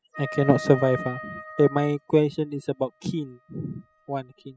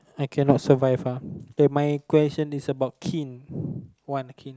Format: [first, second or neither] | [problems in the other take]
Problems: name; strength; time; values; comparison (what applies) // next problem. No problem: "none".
second | noise reduction (classical method spectral subtraction)